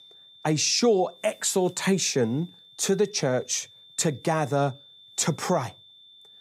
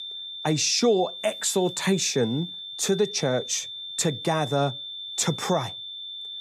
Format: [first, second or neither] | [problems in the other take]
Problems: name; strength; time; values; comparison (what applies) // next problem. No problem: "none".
first | high-pitched whine; loud; throughout; 3.5 kHz, 9 dB below the speech; faint in the first